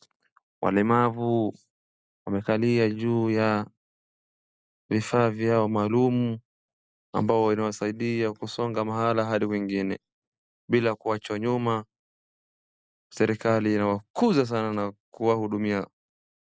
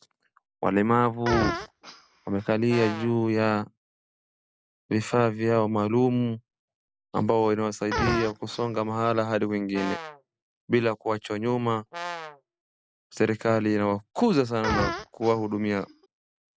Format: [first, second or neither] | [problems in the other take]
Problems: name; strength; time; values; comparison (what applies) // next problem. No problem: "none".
first | background sound (Fart + Brass instrument); 8 dB below the speech